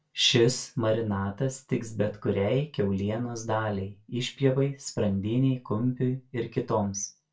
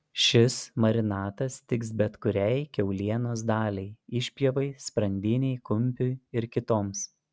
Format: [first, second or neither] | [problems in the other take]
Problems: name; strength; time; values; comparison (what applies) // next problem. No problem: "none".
second | room echo; dies away in 0.2 s